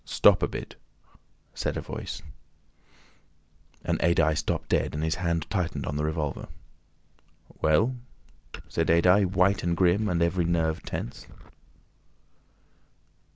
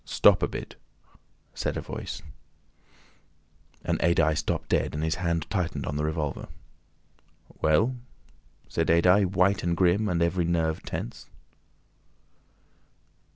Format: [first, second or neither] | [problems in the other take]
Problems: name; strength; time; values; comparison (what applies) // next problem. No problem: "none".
second | background sound (Glass); 13 dB below the speech